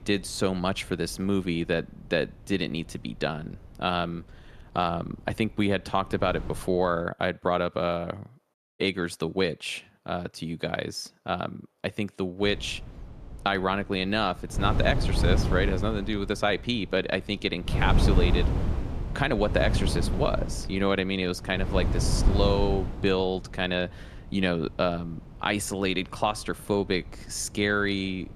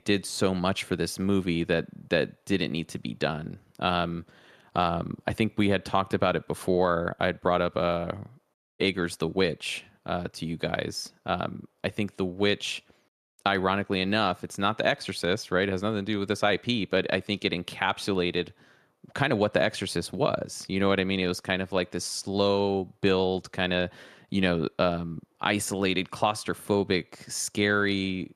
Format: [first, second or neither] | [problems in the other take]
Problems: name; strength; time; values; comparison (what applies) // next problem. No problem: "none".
second | wind noise on the microphone; heavy; until 7 s and from 12 s on; 9 dB below the speech